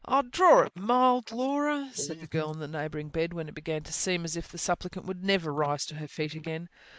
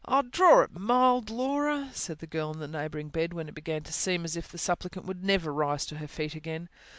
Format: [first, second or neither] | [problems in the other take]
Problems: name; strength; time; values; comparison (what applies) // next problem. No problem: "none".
second | noise reduction (neural mask model Resemble Enhance denoiser)